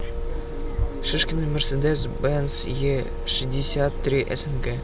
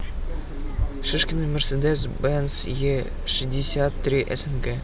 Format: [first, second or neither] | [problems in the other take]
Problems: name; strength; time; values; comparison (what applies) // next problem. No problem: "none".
second | background sound (Wind instrument, woodwind instrument); 15 dB below the speech